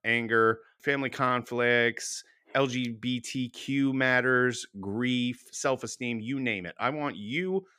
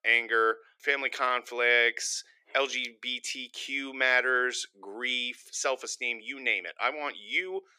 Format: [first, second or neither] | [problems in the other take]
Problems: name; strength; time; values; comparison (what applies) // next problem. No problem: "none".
first | thin; very; fading below 400 Hz